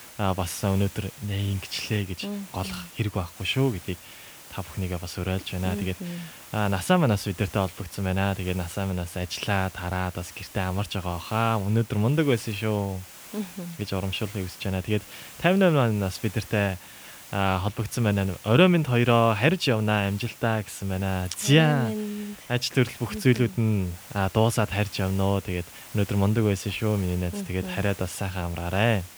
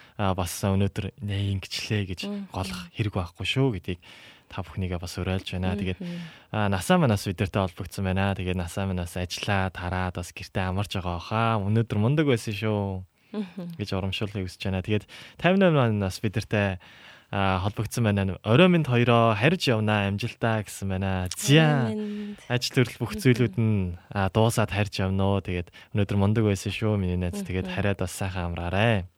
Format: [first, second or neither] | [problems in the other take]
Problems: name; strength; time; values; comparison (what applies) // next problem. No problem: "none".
second | hiss; noticeable; throughout; 15 dB below the speech